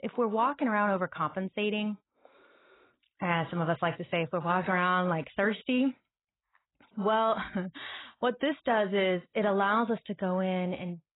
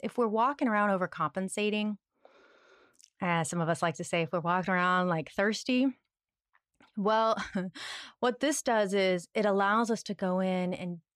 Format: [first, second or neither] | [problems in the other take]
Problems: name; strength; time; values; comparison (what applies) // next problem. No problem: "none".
second | garbled, watery; badly; nothing above 3.5 kHz